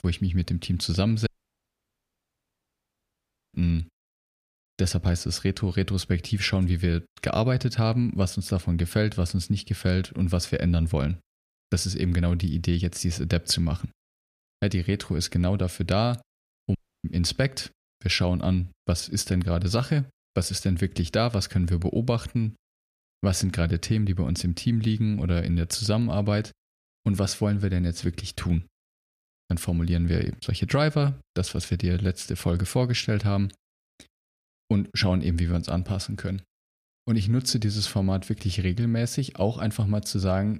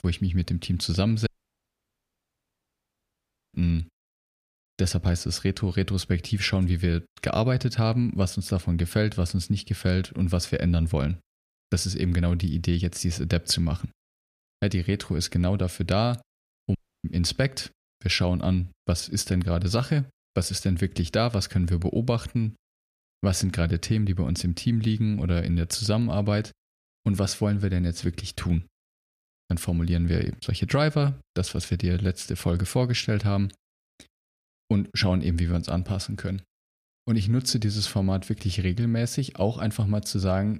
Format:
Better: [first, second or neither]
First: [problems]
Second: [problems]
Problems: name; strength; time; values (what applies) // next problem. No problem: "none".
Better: neither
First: audio cutting out; at 1.5 s for 2.5 s and at 17 s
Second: audio cutting out; at 1.5 s for 2.5 s and at 17 s